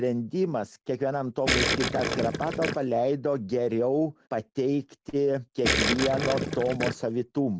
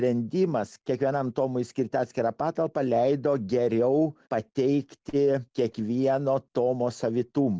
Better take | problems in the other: second | background sound (Gurgling); 2 dB below the speech

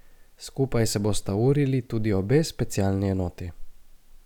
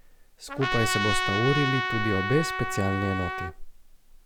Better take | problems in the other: first | background sound (Trumpet); 1 dB below the speech

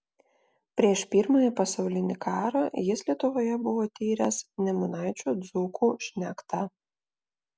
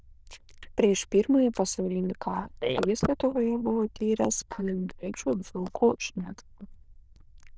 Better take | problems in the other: first | noise reduction (neural diffusion model UNIVERSE++)

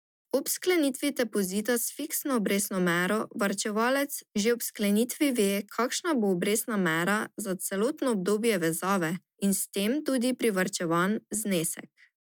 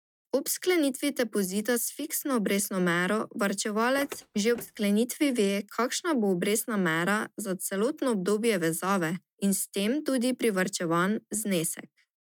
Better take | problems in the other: first | noise reduction (neural mask model RNNoise)

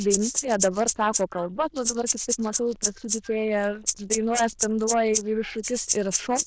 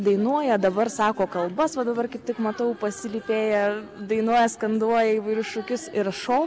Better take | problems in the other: second | noise reduction (neural diffusion model UNIVERSE++)

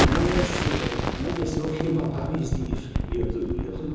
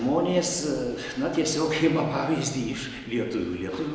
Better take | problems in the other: second | background sound (Explosion); 2 dB above the speech // room echo; dies away in 0.5 s

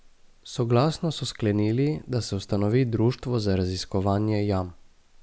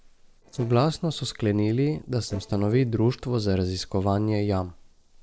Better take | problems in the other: first | noise reduction (neural separator model SepFormer DNS4)

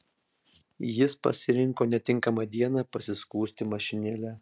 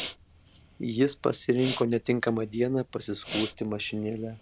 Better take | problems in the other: first | background sound (Respiratory sounds); 14 dB below the speech

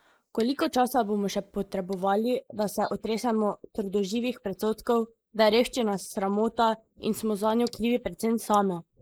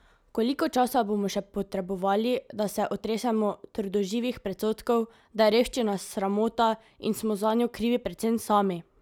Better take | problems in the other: second | noise reduction (neural mask model Resemble Enhance denoiser)

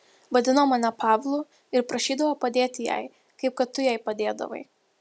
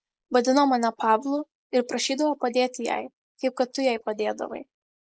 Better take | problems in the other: first | noise reduction (neural mask model Resemble Enhance denoiser)

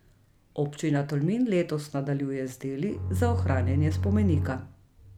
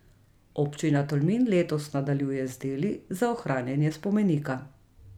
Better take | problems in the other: second | background sound (Bowed string instrument); 1 dB above the speech

